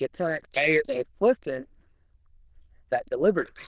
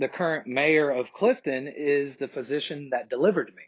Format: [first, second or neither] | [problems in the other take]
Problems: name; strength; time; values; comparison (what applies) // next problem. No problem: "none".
second | noise reduction (neural diffusion model UNIVERSE++)